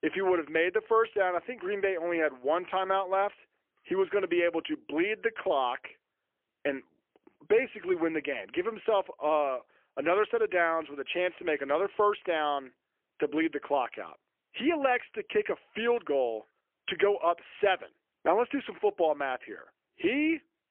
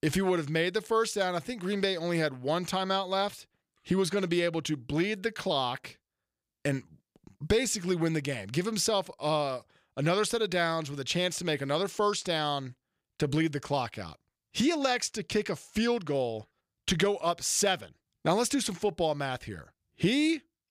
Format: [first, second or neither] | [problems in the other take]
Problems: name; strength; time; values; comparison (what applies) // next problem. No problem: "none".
second | phone-call audio; poor line; nothing above 3.5 kHz